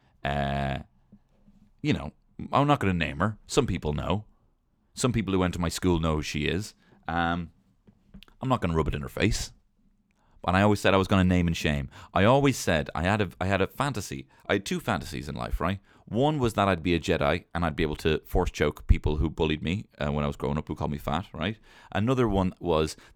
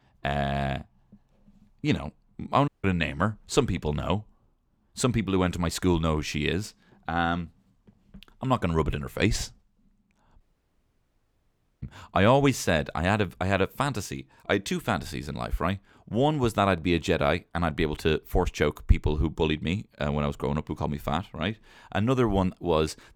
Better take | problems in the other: first | audio cutting out; at 2.5 s and at 10 s for 1.5 s

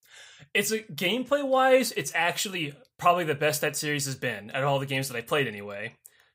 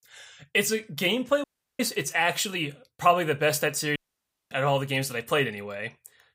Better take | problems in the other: first | audio cutting out; at 1.5 s and at 4 s for 0.5 s

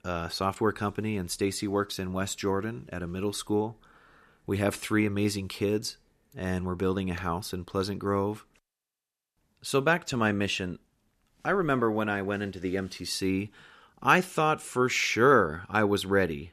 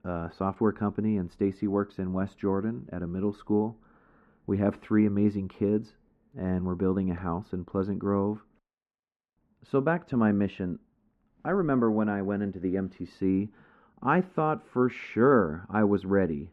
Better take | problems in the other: first | muffled; very; fading above 3 kHz

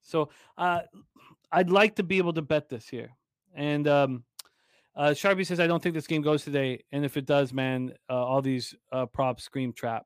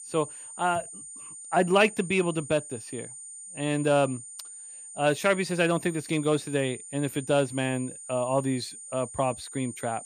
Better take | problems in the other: first | high-pitched whine; noticeable; throughout; 9 kHz, 15 dB below the speech

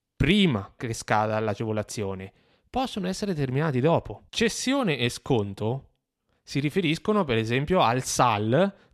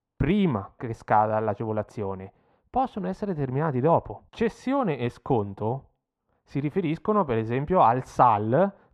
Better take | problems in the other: first | muffled; very; fading above 2.5 kHz

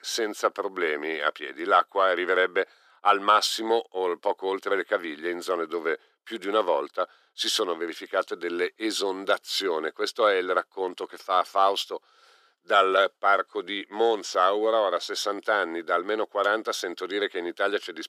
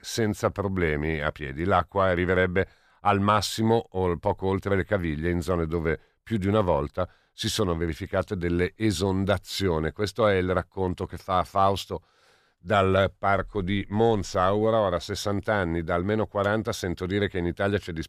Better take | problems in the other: second | thin; very; fading below 300 Hz

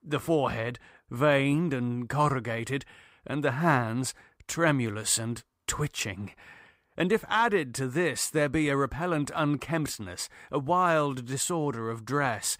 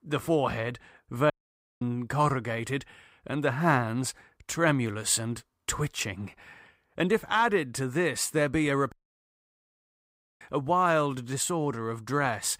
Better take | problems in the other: first | audio cutting out; at 1.5 s for 0.5 s and at 9 s for 1.5 s

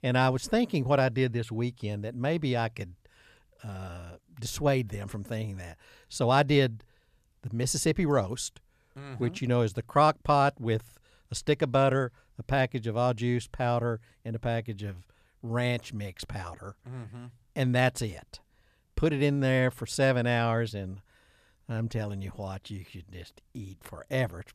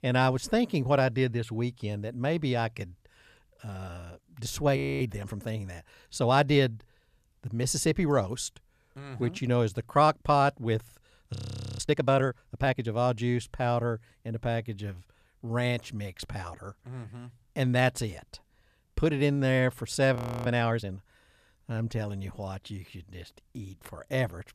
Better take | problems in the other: first | audio freezing; at 5 s, at 11 s and at 20 s

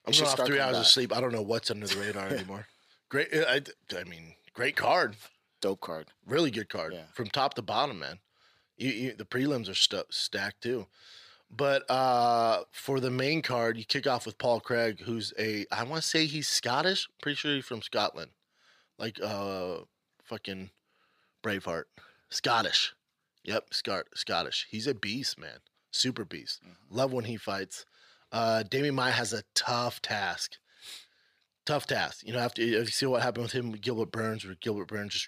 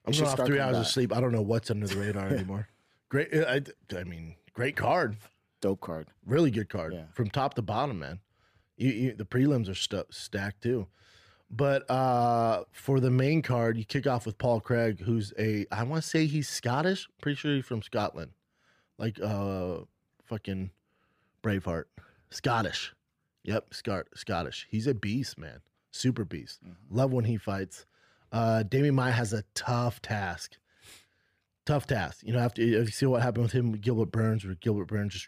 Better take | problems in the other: second | thin; somewhat; fading below 1 kHz

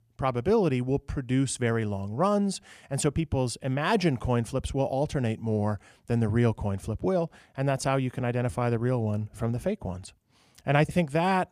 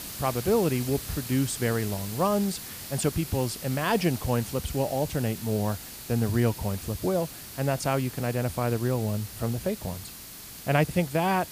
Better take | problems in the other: first | hiss; noticeable; throughout; 10 dB below the speech

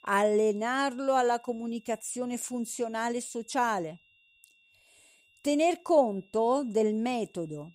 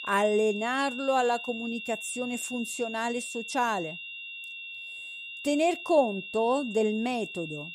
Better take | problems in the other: first | high-pitched whine; loud; throughout; 2.5 kHz, 9 dB below the speech; faint in the first

